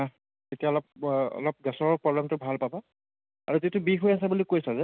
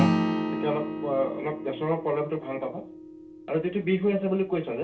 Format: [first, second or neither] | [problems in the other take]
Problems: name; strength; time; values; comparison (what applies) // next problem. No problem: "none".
first | background sound (Acoustic guitar / Strum); 3 dB below the speech // room echo; dies away in 0.3 s